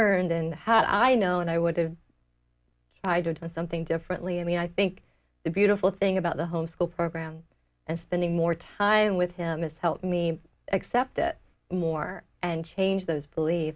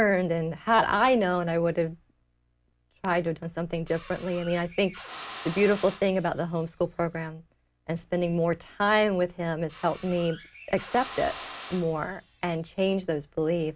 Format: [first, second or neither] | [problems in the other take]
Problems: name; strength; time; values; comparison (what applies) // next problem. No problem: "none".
first | background sound (Drill); 17 dB below the speech